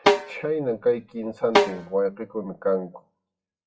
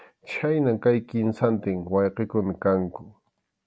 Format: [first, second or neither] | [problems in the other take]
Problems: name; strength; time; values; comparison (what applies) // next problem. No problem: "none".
second | noise reduction (classical method WPE with log-MMSE)